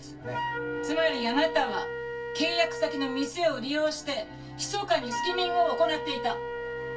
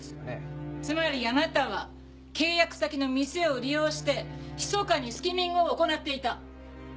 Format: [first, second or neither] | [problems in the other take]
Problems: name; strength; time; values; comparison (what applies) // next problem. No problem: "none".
second | background sound (Wind instrument, woodwind instrument); 6 dB below the speech // room echo; dies away in 0.1 s